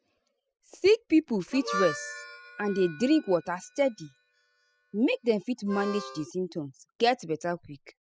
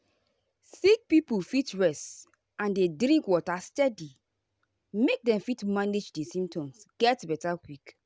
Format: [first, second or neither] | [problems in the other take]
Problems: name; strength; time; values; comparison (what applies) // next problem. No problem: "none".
second | noise reduction (classical method spectral subtraction)